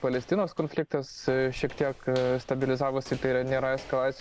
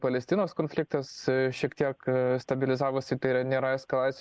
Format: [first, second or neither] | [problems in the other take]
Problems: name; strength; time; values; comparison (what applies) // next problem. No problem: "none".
second | background sound (Walk, footsteps); 19 dB below the speech